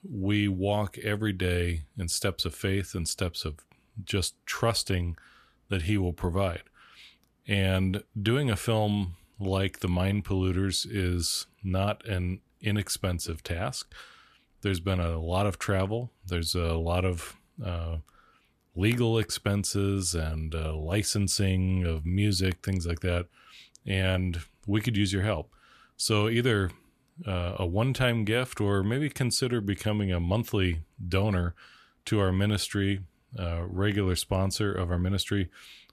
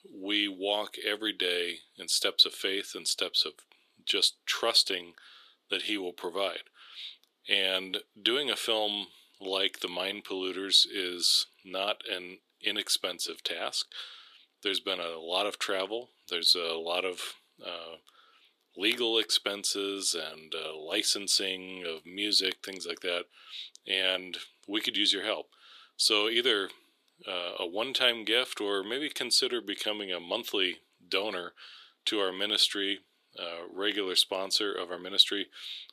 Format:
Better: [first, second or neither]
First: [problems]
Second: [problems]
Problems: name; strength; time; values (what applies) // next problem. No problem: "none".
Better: first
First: none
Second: thin; very; fading below 350 Hz